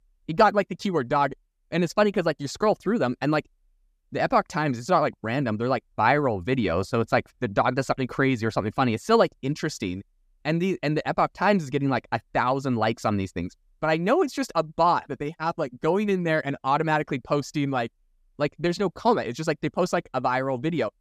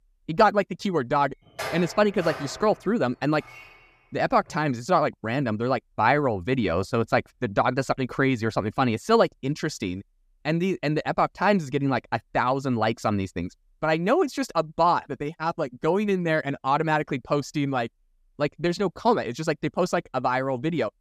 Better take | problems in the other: first | clattering dishes; noticeable; from 1.5 to 4.5 s; peak 8 dB below the speech

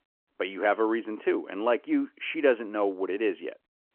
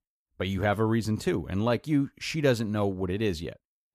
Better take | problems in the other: second | phone-call audio

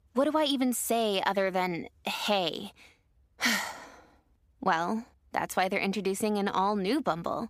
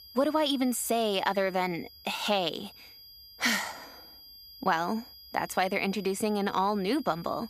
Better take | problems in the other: first | high-pitched whine; noticeable; throughout; 5 kHz, 20 dB below the speech

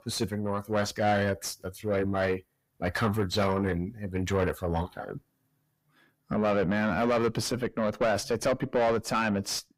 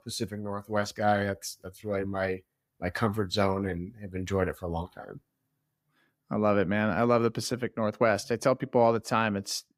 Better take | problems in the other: second | distortion; heavy; 6 dB below the speech

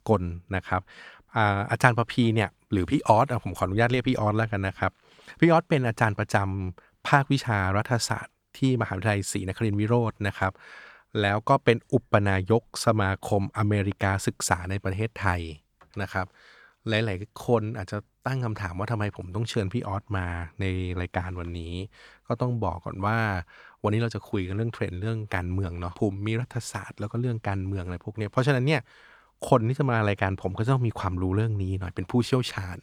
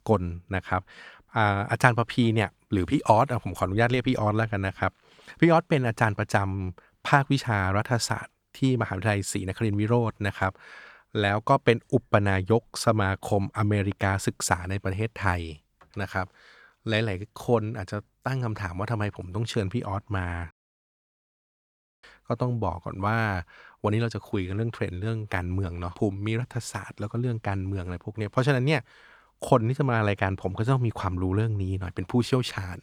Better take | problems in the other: first | audio cutting out; at 21 s for 1.5 s

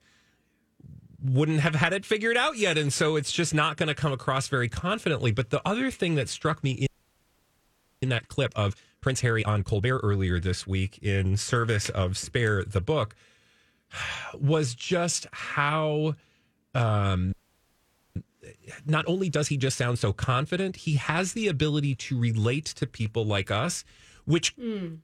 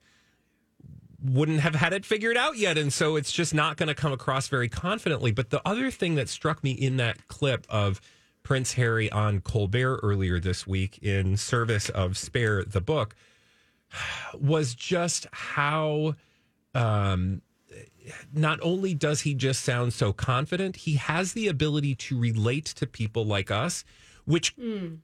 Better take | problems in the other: second | audio freezing; at 7 s for 1 s and at 17 s for 1 s

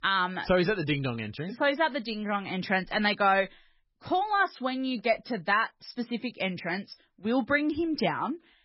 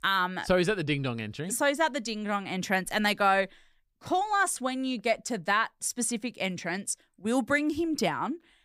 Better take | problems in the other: second | garbled, watery; badly; nothing above 5.5 kHz

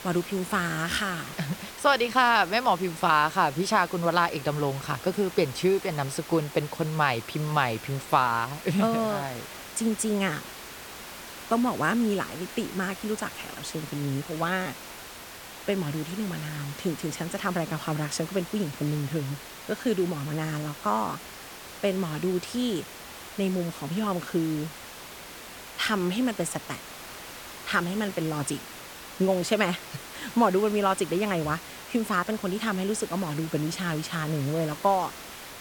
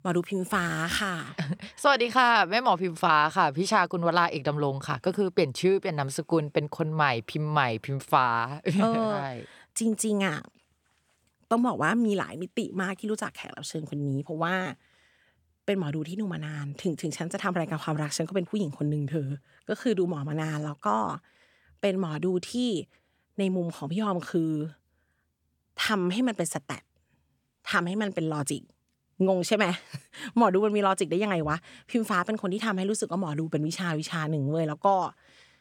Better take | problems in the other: second | hiss; noticeable; throughout; 15 dB below the speech

